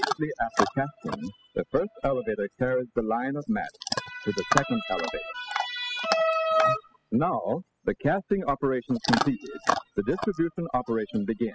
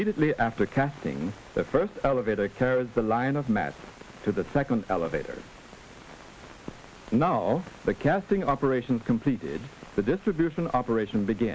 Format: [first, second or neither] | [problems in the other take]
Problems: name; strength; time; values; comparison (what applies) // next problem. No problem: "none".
second | noise reduction (classical method spectral subtraction)